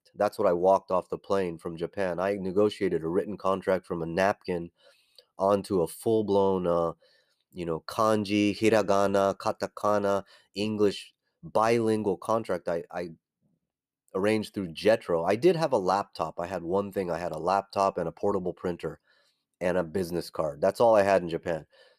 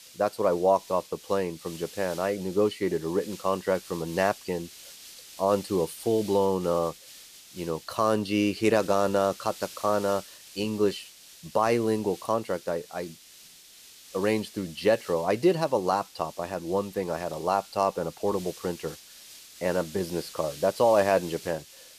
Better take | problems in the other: first | hiss; noticeable; throughout; 15 dB below the speech

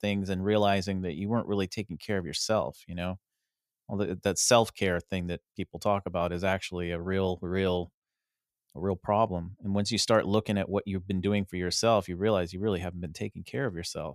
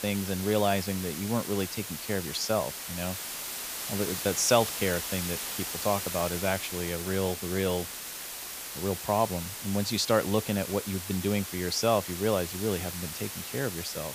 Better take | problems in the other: first | hiss; loud; throughout; 5 dB below the speech

